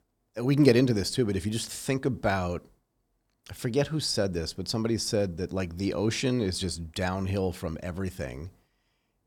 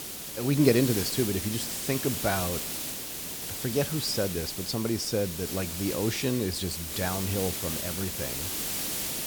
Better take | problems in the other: first | hiss; loud; throughout; 2 dB below the speech

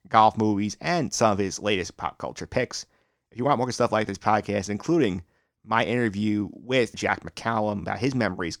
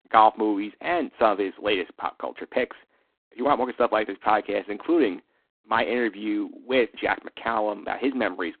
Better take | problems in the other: first | phone-call audio; poor line

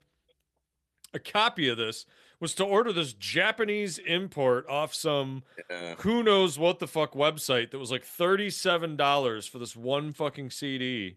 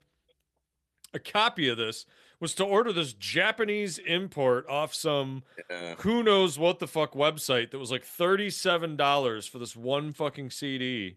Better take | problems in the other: neither | none

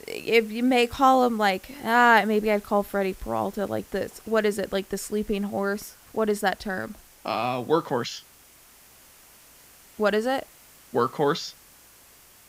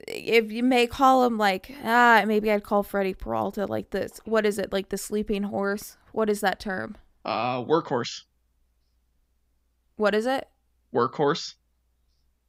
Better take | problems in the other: second | hiss; faint; throughout; 25 dB below the speech

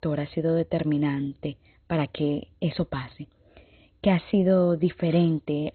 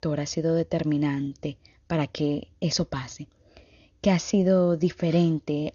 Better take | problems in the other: second | garbled, watery; badly; nothing above 4 kHz; slightly in the second

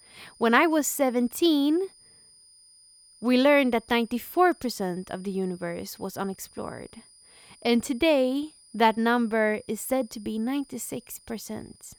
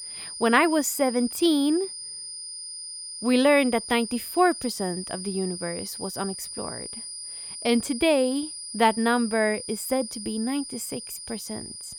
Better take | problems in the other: first | high-pitched whine; loud; throughout; 9.5 kHz, 10 dB below the speech; faint in the first

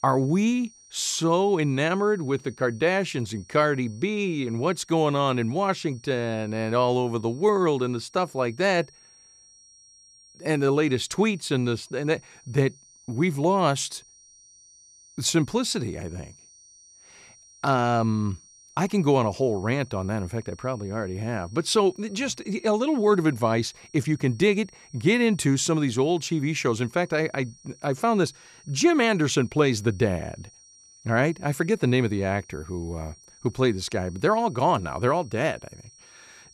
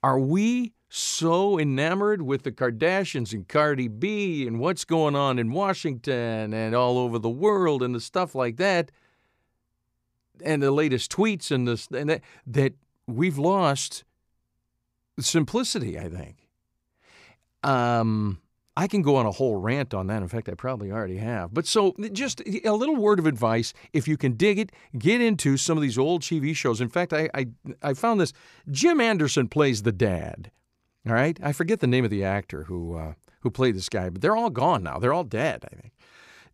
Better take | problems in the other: second | high-pitched whine; faint; throughout; 5.5 kHz, 25 dB below the speech

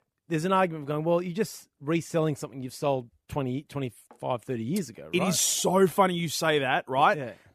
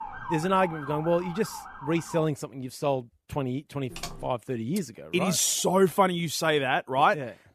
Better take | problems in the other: first | siren; noticeable; until 2.5 s; peak 8 dB below the speech // keyboard typing; faint; at 4 s; peak 10 dB below the speech

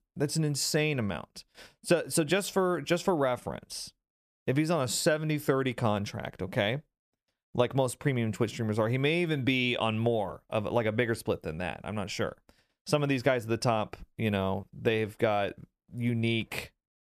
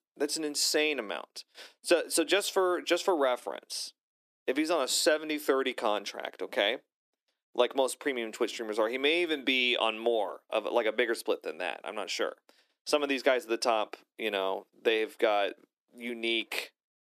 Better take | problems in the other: first | thin; somewhat; fading below 300 Hz

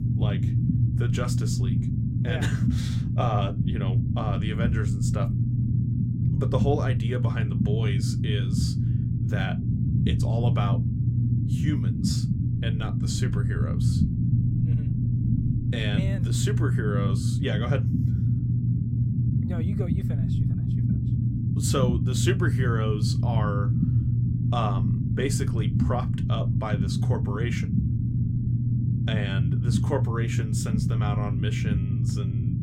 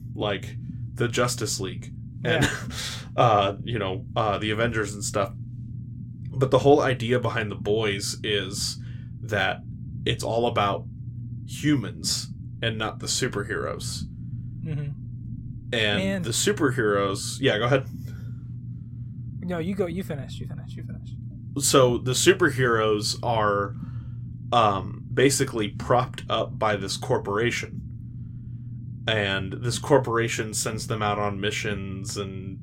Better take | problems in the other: second | low rumble; loud; throughout; 2 dB below the speech; faint in the second

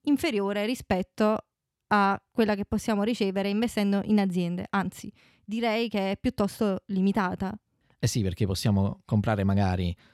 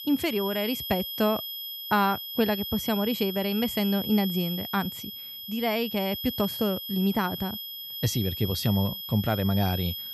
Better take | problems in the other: first | high-pitched whine; loud; throughout; 3.5 kHz, 6 dB below the speech

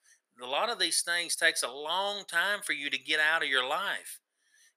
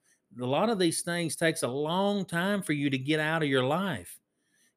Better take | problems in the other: second | thin; very; fading below 800 Hz

